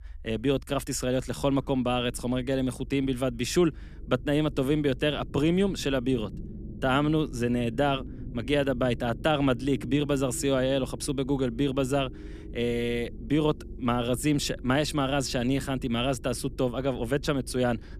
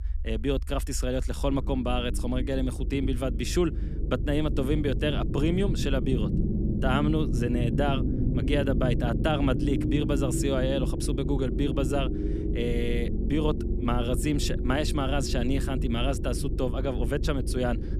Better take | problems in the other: first | low rumble; loud; throughout; 7 dB below the speech; faint in the first

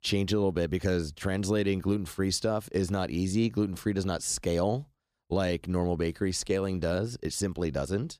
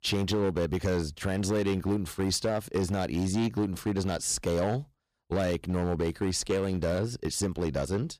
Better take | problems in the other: first | distortion; slight; 10% of the sound clipped

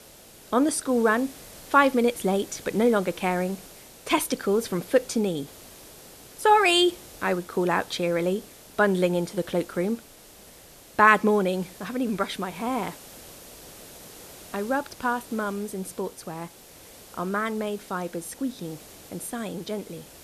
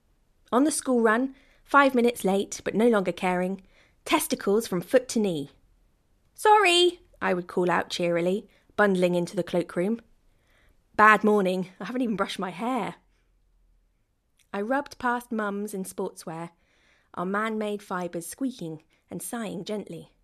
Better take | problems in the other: second | hiss; noticeable; throughout; 20 dB below the speech

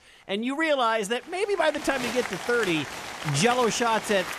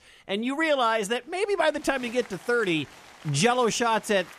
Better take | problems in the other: second | crowd noise; loud; throughout; 9 dB below the speech; faint in the second

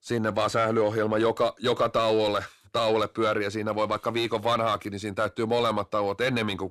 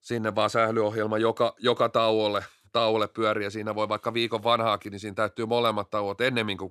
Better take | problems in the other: second | distortion; slight; 10 dB below the speech

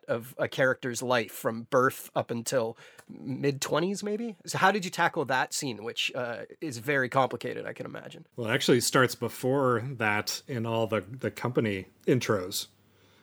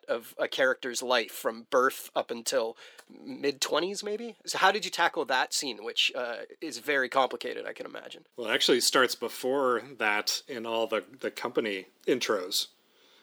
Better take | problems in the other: first | thin; very slightly; fading below 300 Hz

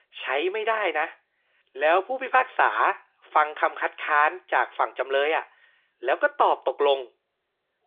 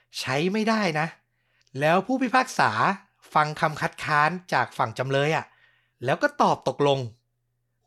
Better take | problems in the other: second | phone-call audio; nothing above 3.5 kHz

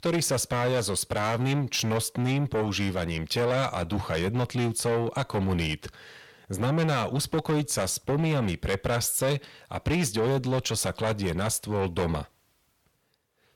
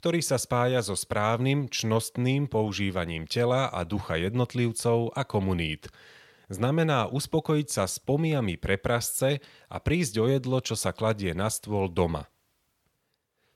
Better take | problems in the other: second | distortion; heavy; 7 dB below the speech

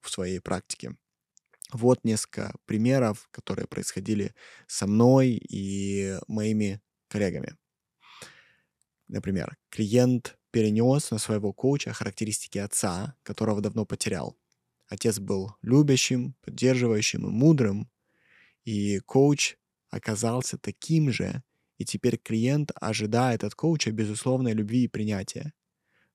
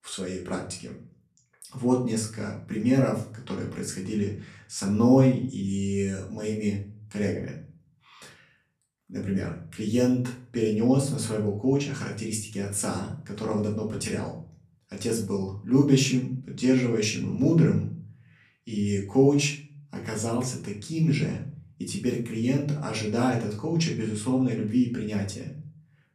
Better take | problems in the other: first | off-mic speech; far // room echo; slight; dies away in 0.4 s

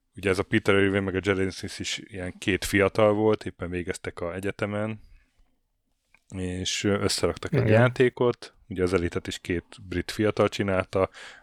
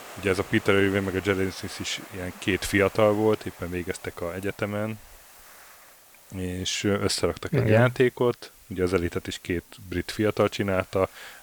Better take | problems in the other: first | hiss; noticeable; throughout; 20 dB below the speech

